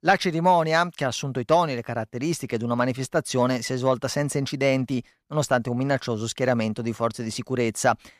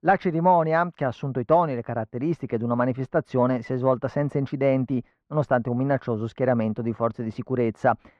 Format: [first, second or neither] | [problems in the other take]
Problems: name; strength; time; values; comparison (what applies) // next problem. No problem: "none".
first | muffled; very; fading above 4 kHz